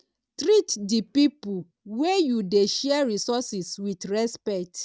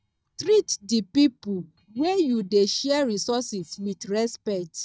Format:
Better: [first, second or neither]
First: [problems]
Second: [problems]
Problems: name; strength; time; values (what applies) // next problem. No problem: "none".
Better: first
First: none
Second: noise reduction (neural mask model DeepFilterNet 3)